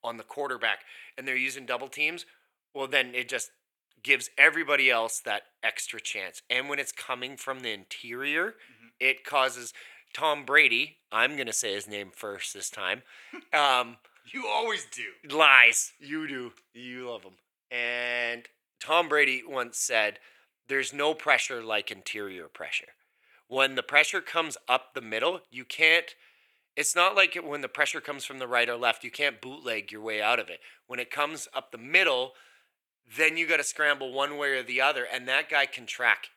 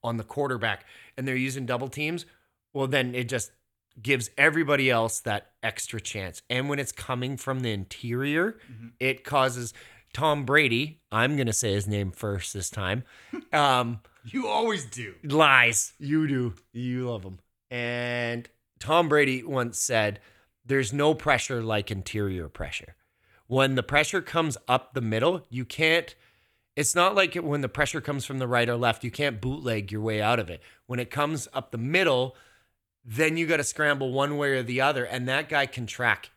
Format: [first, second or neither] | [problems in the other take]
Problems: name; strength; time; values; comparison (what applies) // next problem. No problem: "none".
second | thin; somewhat; fading below 450 Hz